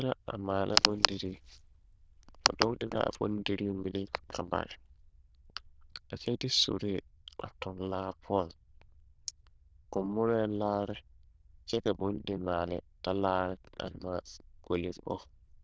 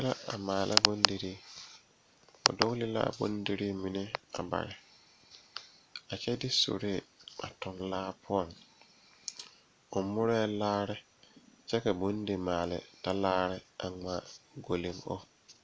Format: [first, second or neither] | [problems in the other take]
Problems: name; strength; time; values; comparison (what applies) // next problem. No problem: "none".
second | noise reduction (neural diffusion model UNIVERSE++)